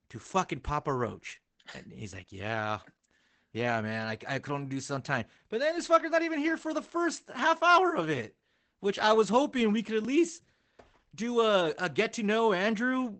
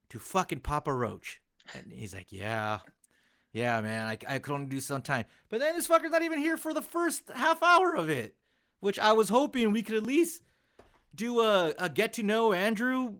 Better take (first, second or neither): second